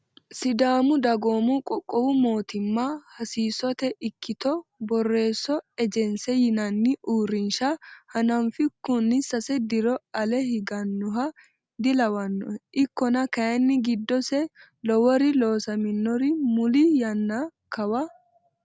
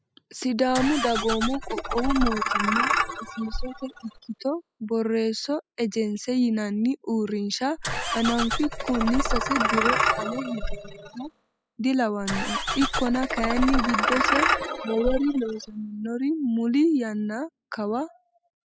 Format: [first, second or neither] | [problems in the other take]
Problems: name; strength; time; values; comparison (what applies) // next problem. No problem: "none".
first | noise reduction (classical method spectral subtraction)